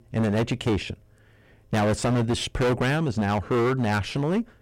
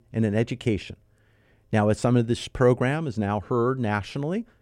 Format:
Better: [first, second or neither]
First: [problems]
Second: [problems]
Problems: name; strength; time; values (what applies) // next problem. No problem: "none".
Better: second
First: distortion; heavy; 18% of the sound clipped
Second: none